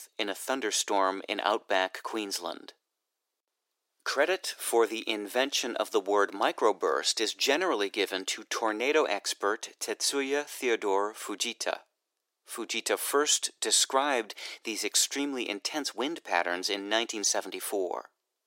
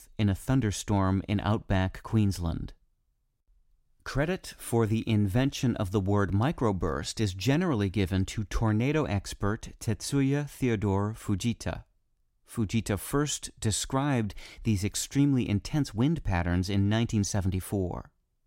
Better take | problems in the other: second | thin; very; fading below 400 Hz

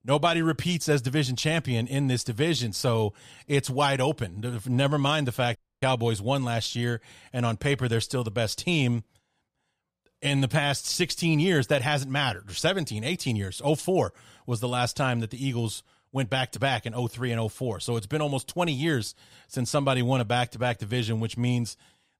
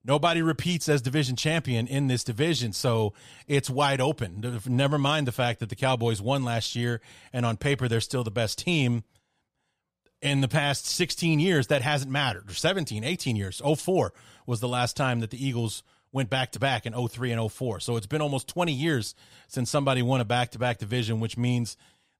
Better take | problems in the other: second | audio cutting out; at 5.5 s

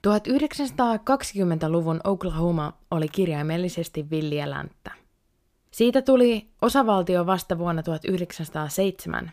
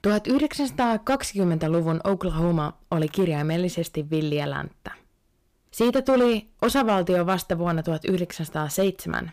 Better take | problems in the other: first | distortion; slight; 5% of the sound clipped

